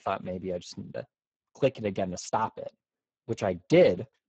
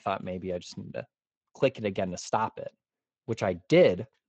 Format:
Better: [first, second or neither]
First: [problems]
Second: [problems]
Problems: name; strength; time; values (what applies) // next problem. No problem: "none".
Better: second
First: garbled, watery; badly; nothing above 7.5 kHz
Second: garbled, watery; slightly; nothing above 7.5 kHz